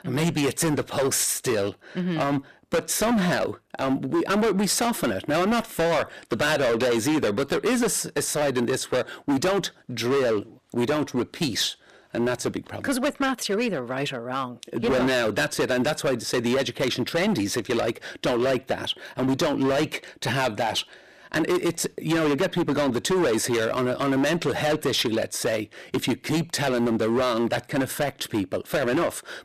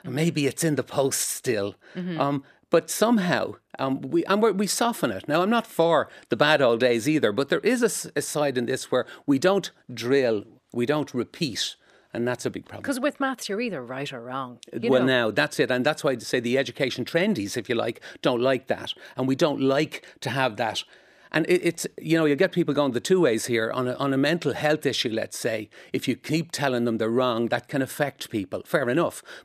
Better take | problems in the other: second | distortion; heavy; 18% of the sound clipped

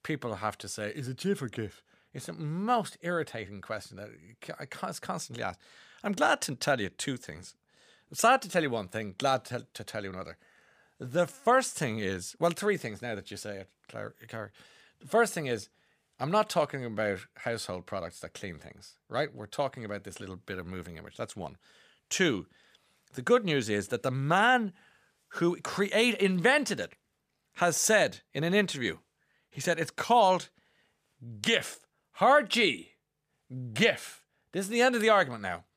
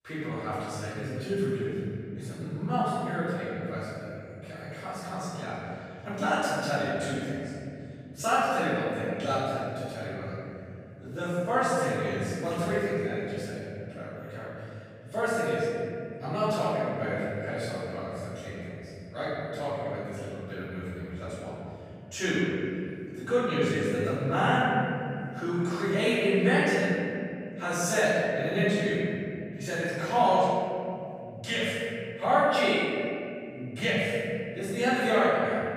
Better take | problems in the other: first | off-mic speech; far // room echo; strong; dies away in 3 s

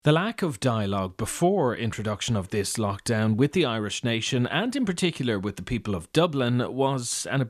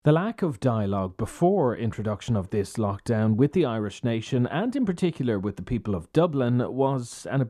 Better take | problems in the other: first | muffled; slightly; fading above 1.5 kHz

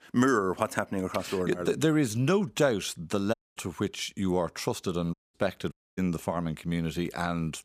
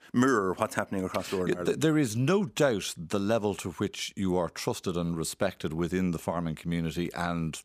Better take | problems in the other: second | audio cutting out; at 3.5 s, at 5 s and at 5.5 s

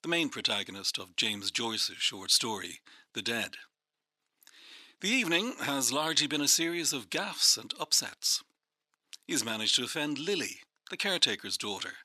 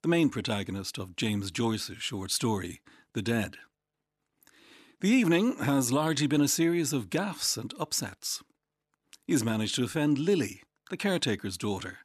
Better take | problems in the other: second | thin; somewhat; fading below 700 Hz

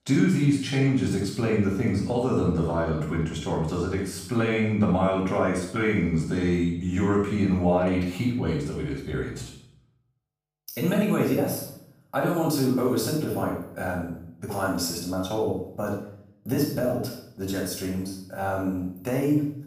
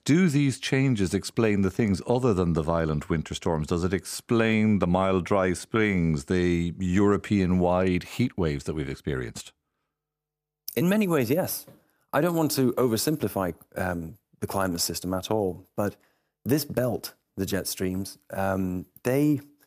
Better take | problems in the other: second | off-mic speech; far // room echo; noticeable; dies away in 0.6 s

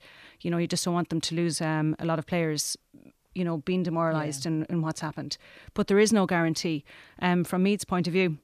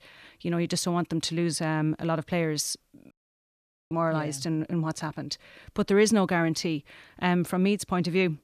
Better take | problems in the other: first | audio cutting out; at 3 s for 1 s

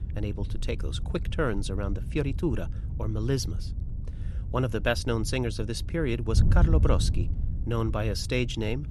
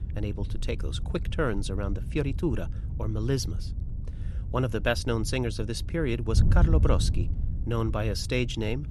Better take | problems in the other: neither | wind noise on the microphone; occasional gusts; 15 dB below the speech; the same in both

